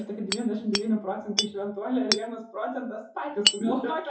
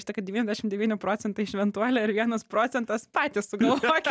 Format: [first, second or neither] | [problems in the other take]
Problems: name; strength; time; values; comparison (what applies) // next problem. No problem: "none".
second | noise reduction (classical method WPE with log-MMSE)